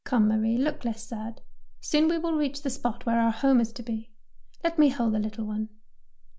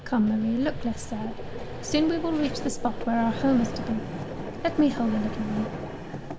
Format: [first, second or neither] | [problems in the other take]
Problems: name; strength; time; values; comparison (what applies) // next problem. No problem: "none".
first | background sound (Vehicle); 8 dB below the speech